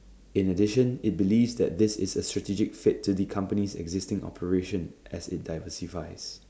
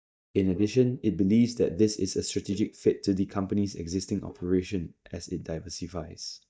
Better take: first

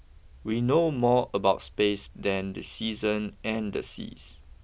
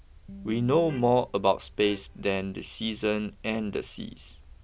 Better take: first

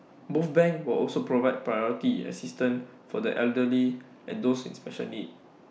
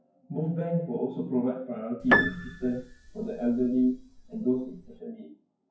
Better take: first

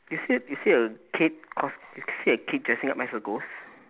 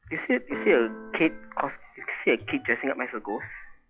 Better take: first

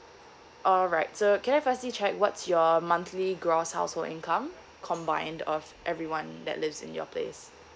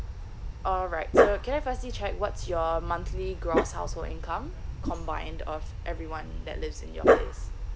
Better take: first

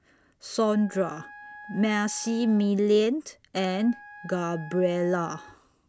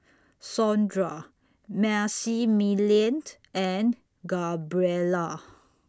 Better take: second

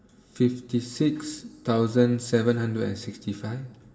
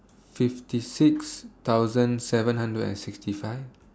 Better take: second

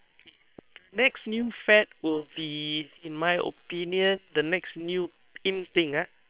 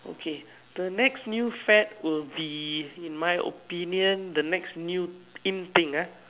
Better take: second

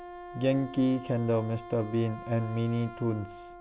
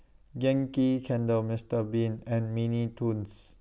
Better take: second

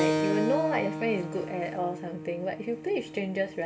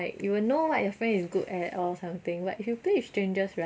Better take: second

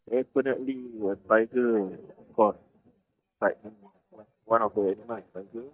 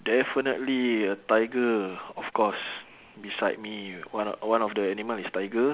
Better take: second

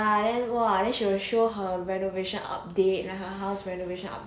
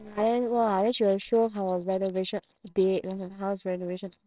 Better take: first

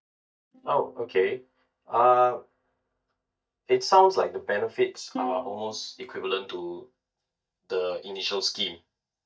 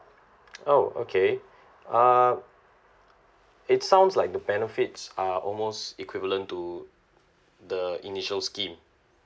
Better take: second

